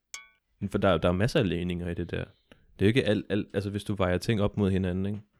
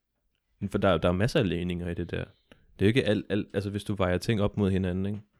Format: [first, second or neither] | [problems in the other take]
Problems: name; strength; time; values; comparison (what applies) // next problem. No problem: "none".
second | clattering dishes; faint; at the start; peak 15 dB below the speech